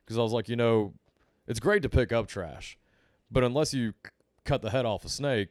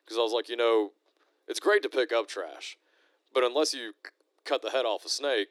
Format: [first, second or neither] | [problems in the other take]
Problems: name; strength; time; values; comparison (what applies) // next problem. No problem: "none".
first | thin; very; fading below 300 Hz